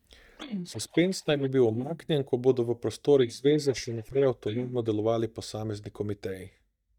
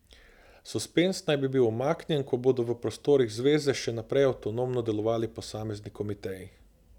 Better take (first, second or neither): second